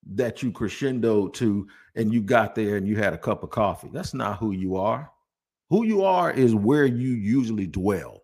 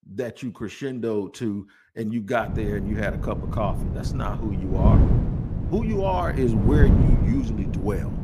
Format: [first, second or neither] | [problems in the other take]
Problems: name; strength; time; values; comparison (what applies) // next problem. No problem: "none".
first | wind noise on the microphone; heavy; from 2.5 s on; 5 dB below the speech